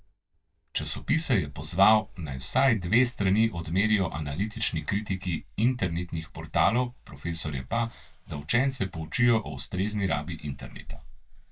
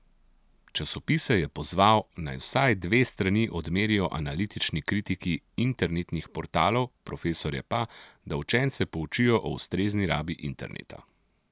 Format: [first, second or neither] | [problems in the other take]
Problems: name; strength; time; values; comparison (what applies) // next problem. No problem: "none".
second | noise reduction (neural mask model DeepFilterNet 3)